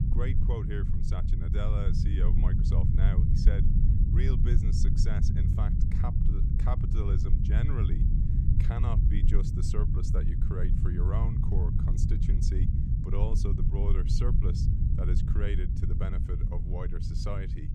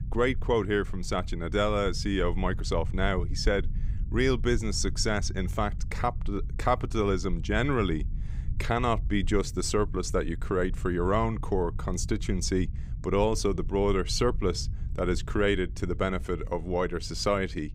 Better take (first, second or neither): second